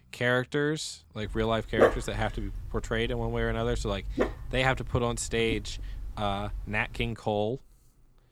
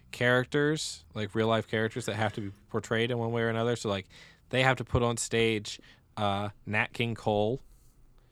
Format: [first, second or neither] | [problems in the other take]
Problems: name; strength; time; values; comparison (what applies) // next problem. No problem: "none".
second | dog barking; loud; from 1.5 to 7 s; peak 5 dB above the speech